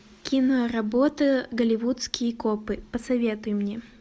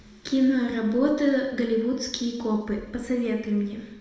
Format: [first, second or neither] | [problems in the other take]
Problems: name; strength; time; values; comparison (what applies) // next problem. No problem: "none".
first | room echo; dies away in 1 s